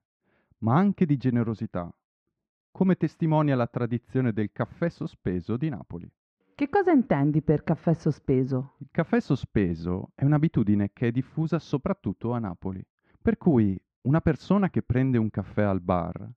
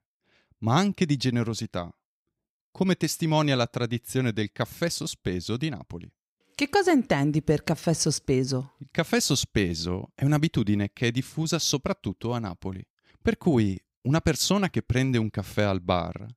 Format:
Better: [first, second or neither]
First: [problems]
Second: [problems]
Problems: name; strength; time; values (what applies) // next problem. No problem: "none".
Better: second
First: muffled; very; fading above 1.5 kHz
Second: none